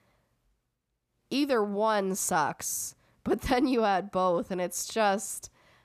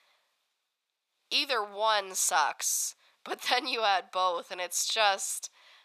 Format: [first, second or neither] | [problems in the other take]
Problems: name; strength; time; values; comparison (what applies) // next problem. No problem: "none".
first | thin; very; fading below 850 Hz